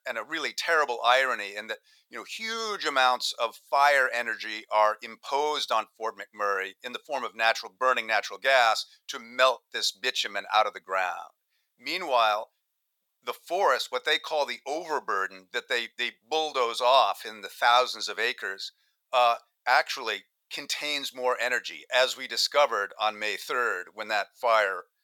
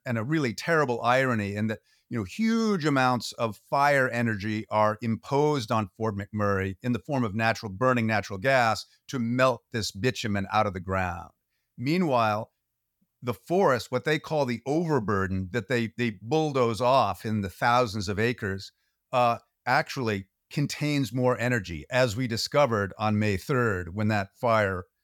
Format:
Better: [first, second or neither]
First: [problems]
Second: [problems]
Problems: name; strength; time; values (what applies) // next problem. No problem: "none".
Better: second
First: thin; very; fading below 600 Hz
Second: none